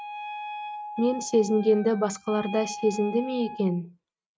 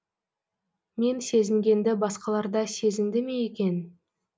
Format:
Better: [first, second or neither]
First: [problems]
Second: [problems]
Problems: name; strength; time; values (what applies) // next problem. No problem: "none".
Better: second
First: noise reduction (neural mask model RNNoise)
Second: none